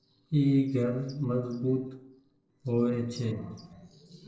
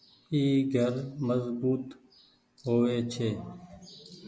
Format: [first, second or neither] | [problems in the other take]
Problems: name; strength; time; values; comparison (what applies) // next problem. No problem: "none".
second | noise reduction (neural separator model SepFormer DNS4)